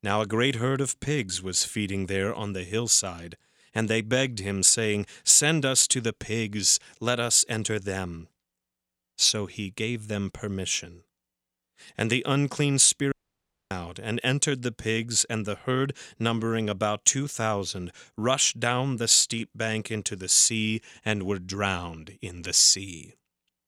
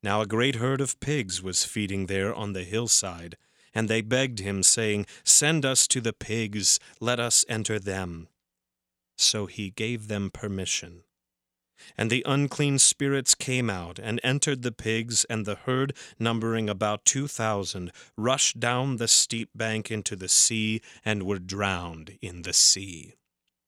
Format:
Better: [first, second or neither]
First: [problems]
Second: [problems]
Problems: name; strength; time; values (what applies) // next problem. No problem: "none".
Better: second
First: audio cutting out; at 13 s for 0.5 s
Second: none